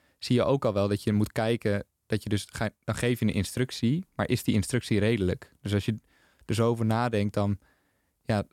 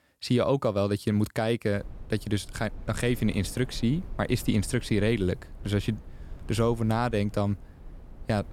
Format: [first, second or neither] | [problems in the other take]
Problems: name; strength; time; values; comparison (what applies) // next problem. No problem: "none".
first | low rumble; faint; from 2 s on; 25 dB below the speech